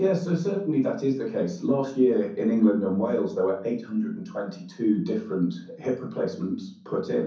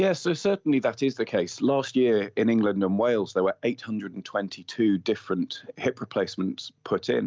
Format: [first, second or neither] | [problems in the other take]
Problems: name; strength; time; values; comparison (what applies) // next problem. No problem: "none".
second | room echo; dies away in 0.6 s